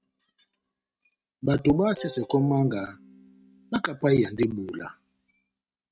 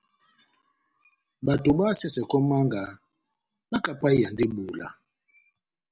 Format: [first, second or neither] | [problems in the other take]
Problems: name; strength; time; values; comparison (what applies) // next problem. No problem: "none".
second | noise reduction (neural mask model RNNoise)